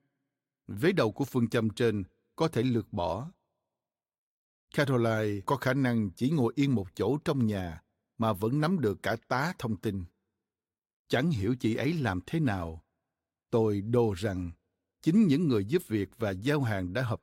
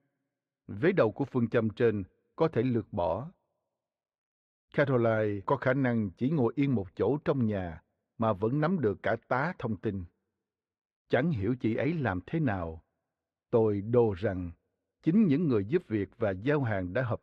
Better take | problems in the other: first | muffled; very; fading above 2 kHz

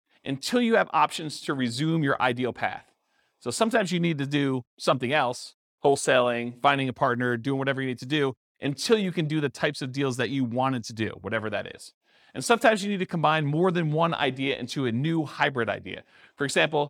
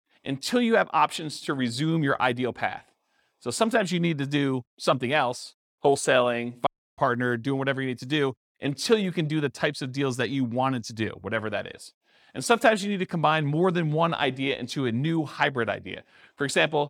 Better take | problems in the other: first | audio cutting out; at 6.5 s

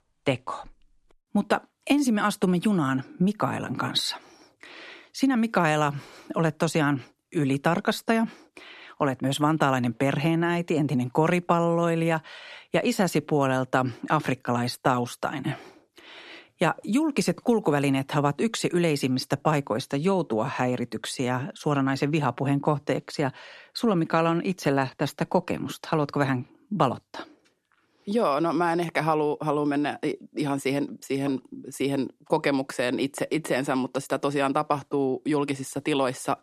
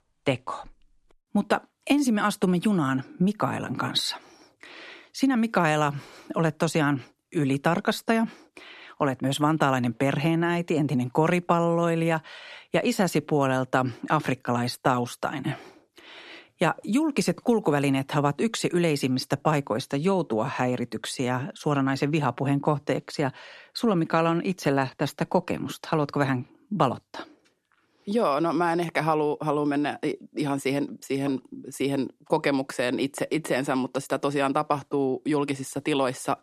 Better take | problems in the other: neither | none

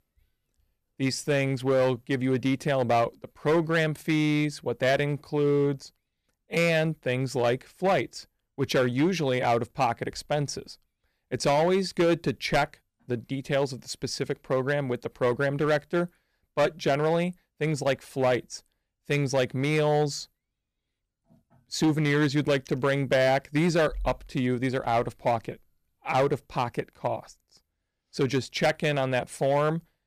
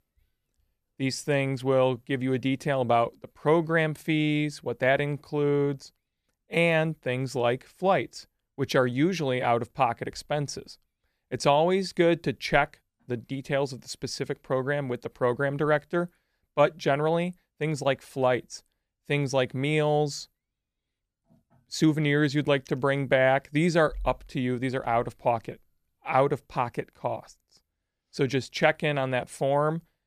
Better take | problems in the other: second | distortion; slight; 5% of the sound clipped

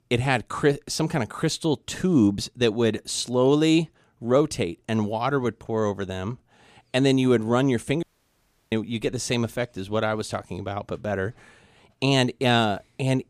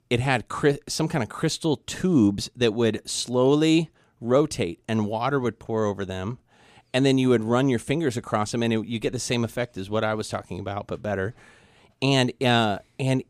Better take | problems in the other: second | audio cutting out; at 8 s for 0.5 s

